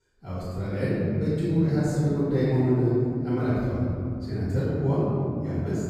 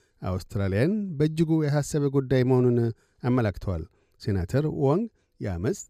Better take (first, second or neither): second